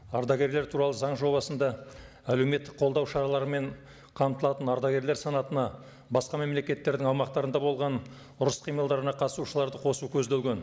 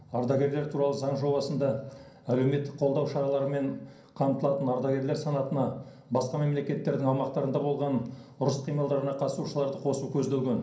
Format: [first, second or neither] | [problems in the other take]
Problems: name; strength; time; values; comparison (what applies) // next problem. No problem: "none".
first | room echo; dies away in 0.6 s